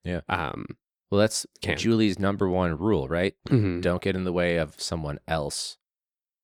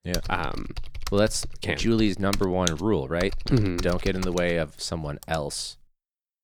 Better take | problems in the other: first | keyboard typing; noticeable; until 5.5 s; peak 5 dB below the speech

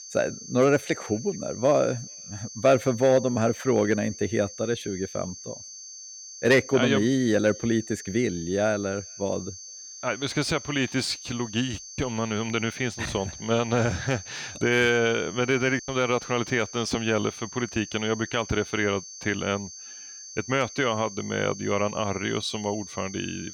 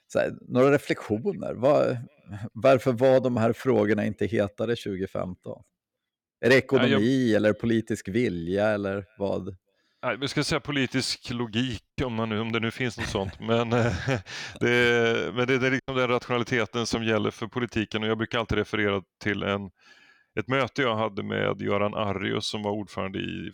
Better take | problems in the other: second | high-pitched whine; noticeable; throughout; 6.5 kHz, 15 dB below the speech

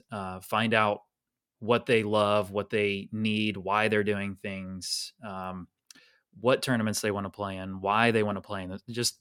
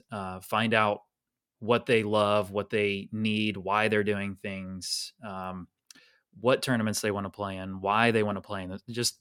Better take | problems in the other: neither | none

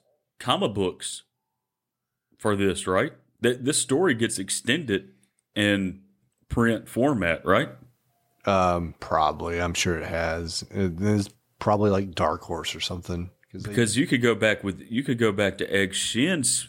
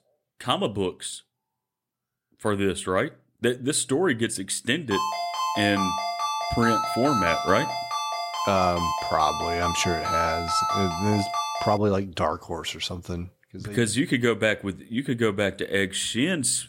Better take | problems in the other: first | phone ringing; loud; from 5 to 12 s; peak 2 dB above the speech

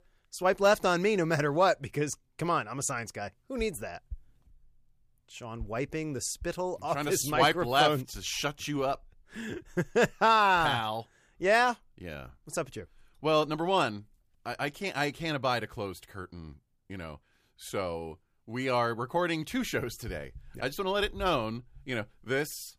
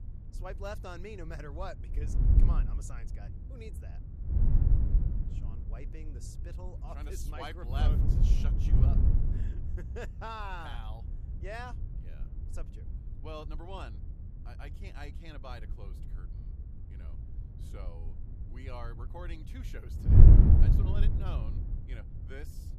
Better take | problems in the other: first | wind noise on the microphone; heavy; 3 dB above the speech

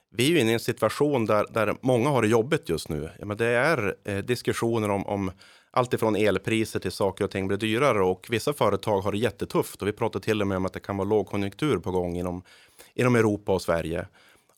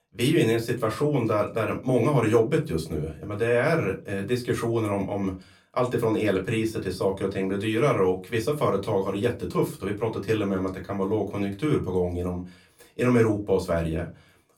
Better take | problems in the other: first | off-mic speech; far // room echo; very slight; dies away in 0.2 s

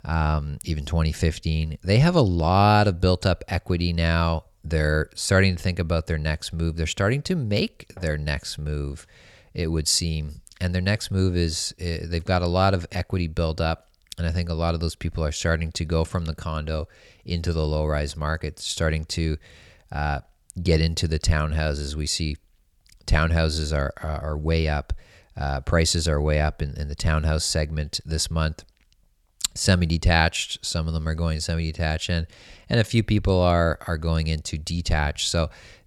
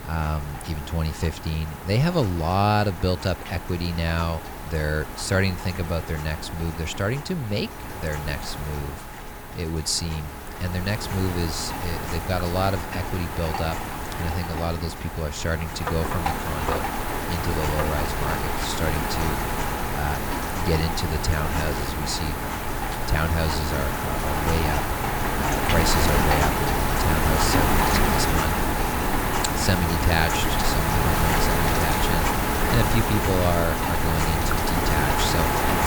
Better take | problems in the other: first | rain or running water; very loud; throughout; 1 dB above the speech

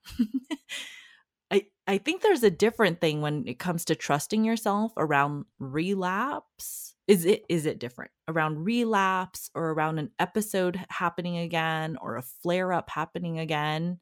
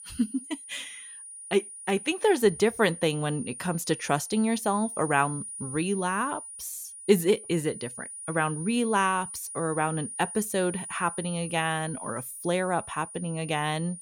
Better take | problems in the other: first | high-pitched whine; loud; throughout; 9.5 kHz, 10 dB below the speech

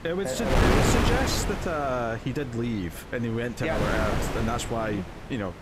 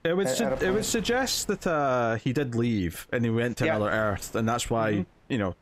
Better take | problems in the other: second | wind noise on the microphone; heavy; 1 dB above the speech; occasional gusts in the second

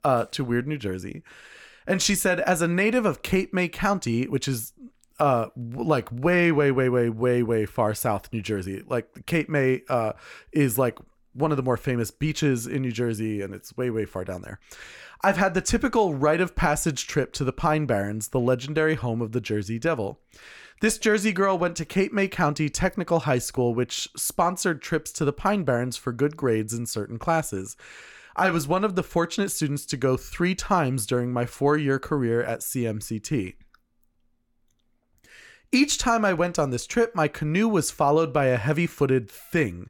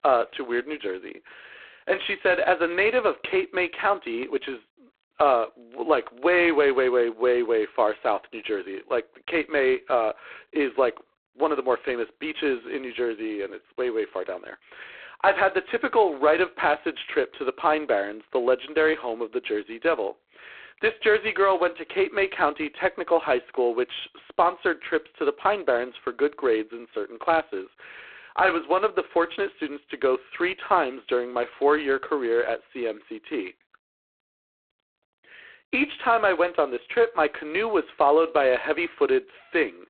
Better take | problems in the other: first | phone-call audio; poor line; nothing above 4 kHz

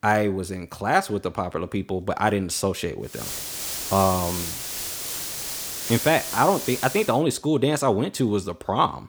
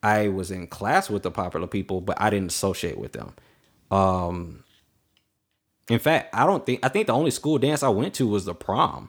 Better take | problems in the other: second | hiss; loud; from 3 to 7 s; 5 dB below the speech

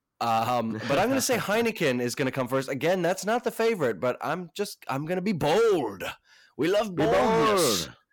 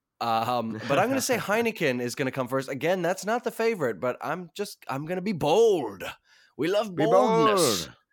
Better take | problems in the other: second | distortion; slight; 9% of the sound clipped

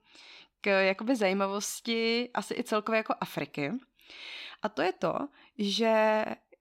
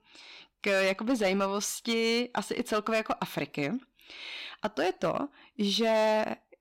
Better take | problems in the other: first | distortion; slight; 6% of the sound clipped

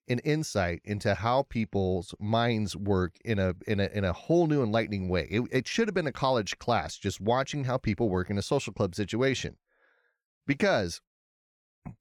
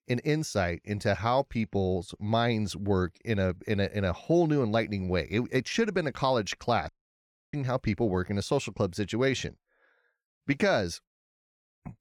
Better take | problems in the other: first | audio cutting out; at 7 s for 0.5 s

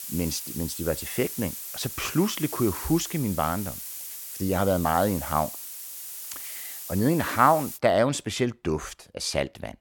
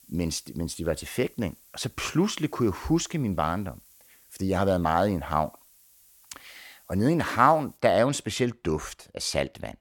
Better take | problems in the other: second | hiss; loud; until 8 s; 8 dB below the speech; faint in the second

